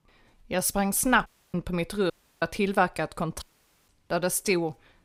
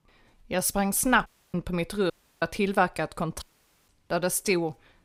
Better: neither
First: audio cutting out; at 1.5 s, at 2 s and at 3.5 s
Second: audio cutting out; at 1.5 s, at 2 s and at 3.5 s

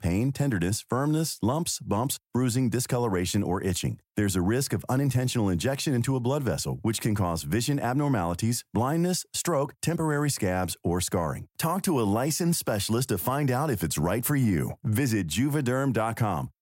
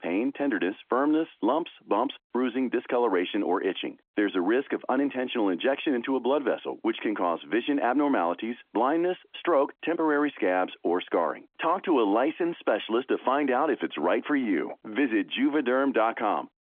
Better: first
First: none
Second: phone-call audio; nothing above 3.5 kHz

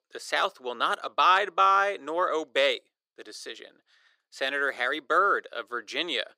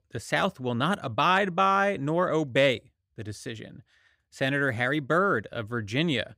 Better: second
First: thin; very; fading below 400 Hz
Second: none

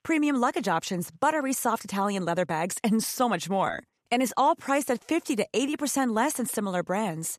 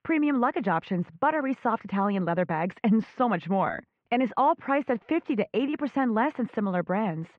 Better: first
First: none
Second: muffled; very; fading above 2.5 kHz

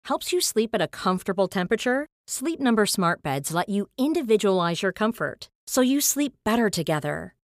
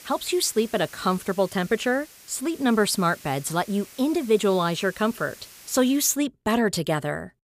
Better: first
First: none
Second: hiss; faint; until 6 s; 20 dB below the speech

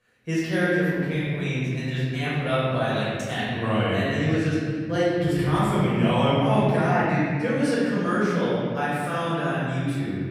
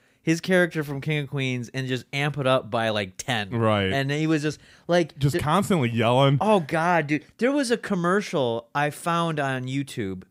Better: second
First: room echo; strong; dies away in 2.9 s // off-mic speech; far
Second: none

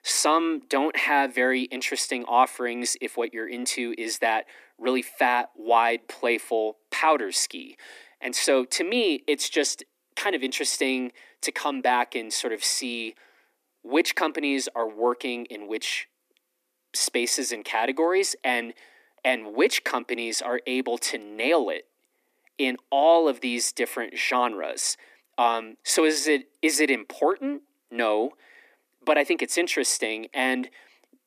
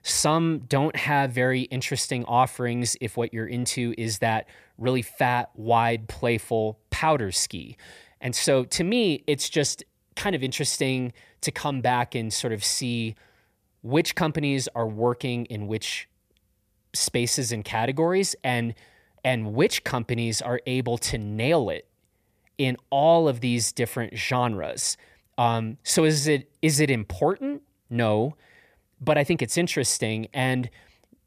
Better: second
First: thin; very slightly; fading below 250 Hz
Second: none

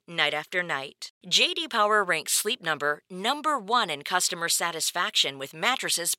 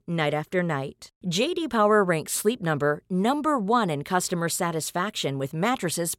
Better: second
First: thin; somewhat; fading below 1 kHz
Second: none

